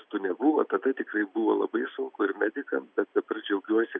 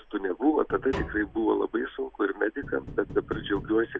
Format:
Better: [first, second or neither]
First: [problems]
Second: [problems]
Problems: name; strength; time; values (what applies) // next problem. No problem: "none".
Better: first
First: none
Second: background sound (Tap); 13 dB below the speech